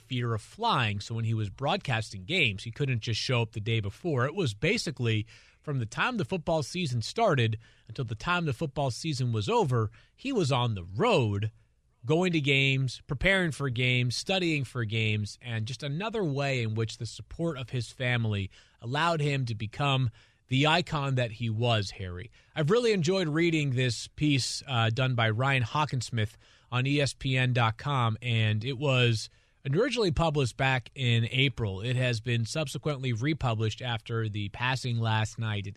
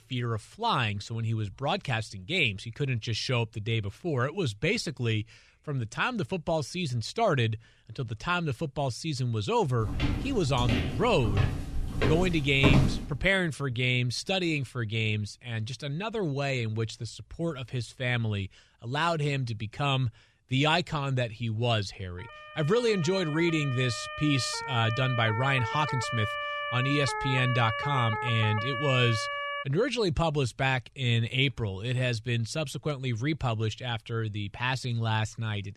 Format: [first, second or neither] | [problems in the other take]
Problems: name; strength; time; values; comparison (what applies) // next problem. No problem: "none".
first | footsteps; loud; from 10 to 13 s; peak 4 dB above the speech // siren; noticeable; from 22 to 30 s; peak 2 dB below the speech